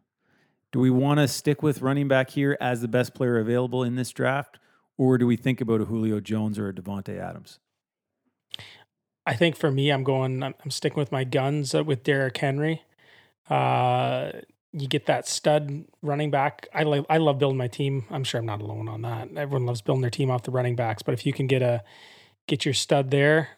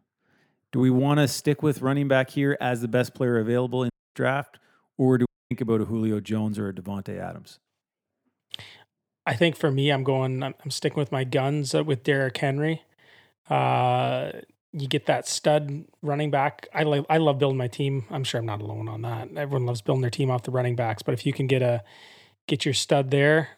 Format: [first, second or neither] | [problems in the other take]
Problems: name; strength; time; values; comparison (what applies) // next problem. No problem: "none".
first | audio cutting out; at 4 s and at 5.5 s